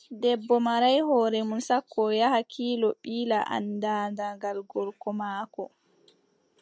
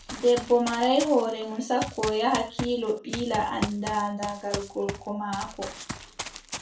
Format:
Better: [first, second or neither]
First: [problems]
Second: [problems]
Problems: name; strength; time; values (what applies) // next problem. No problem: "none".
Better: first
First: none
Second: background sound (Run); 11 dB below the speech // room echo; dies away in 0.3 s